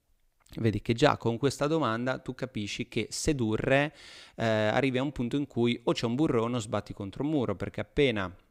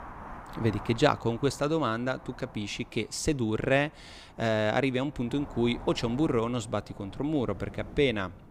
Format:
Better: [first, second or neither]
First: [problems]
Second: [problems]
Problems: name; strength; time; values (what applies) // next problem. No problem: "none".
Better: first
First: none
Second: wind noise on the microphone; occasional gusts; 15 dB below the speech